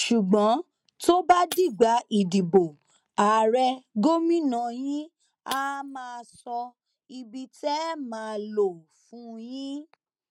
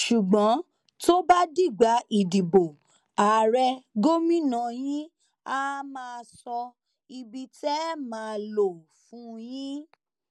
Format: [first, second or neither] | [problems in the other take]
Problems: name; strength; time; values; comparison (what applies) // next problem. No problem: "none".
second | noise reduction (neural mask model RNNoise)